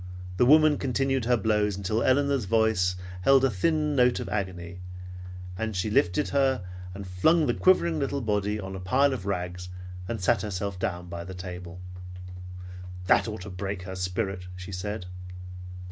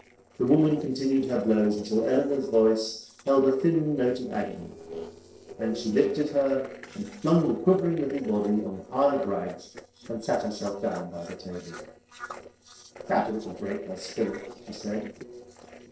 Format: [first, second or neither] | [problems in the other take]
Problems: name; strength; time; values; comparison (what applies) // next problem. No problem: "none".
first | noise reduction (neural separator model SepFormer DNS4)